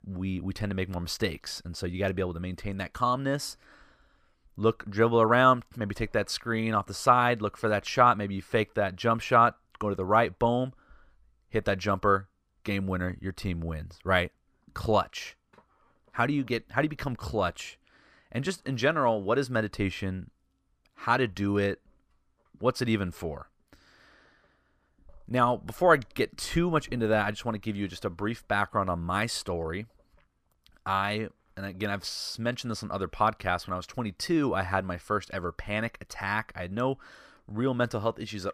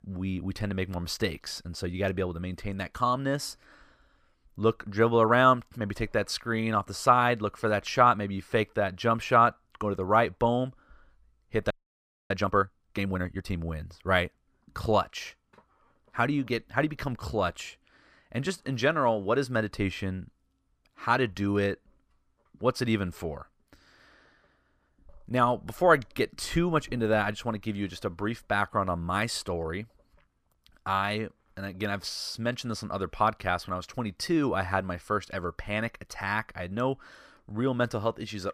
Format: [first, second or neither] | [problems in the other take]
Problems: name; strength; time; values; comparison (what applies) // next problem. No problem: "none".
first | audio freezing; at 12 s for 0.5 s